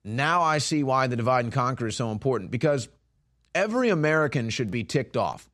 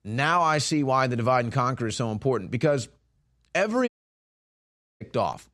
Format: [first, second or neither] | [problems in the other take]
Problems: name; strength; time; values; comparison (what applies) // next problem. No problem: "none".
first | audio cutting out; at 4 s for 1 s